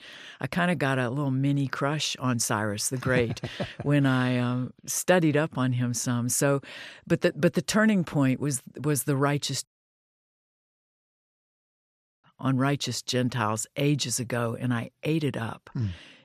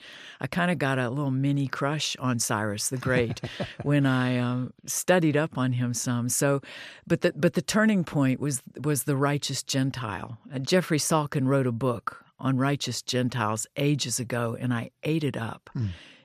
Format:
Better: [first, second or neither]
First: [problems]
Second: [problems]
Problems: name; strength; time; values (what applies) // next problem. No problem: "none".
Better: second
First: audio cutting out; at 9.5 s for 2.5 s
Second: none